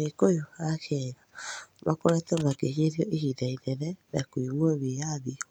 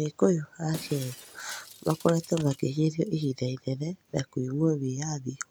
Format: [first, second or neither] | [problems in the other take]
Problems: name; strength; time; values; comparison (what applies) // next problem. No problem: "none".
first | background sound (Shatter); 20 dB below the speech